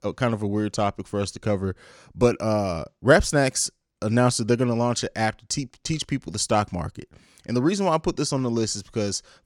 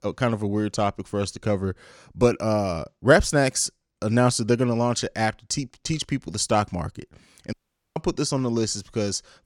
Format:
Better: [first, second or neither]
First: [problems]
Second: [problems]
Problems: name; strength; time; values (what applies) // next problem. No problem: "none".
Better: first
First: none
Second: audio cutting out; at 7.5 s